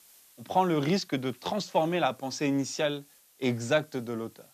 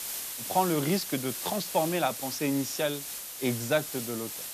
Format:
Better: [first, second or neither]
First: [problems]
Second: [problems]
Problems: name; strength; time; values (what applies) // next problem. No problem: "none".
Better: first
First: hiss; faint; throughout; 25 dB below the speech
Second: hiss; loud; throughout; 5 dB below the speech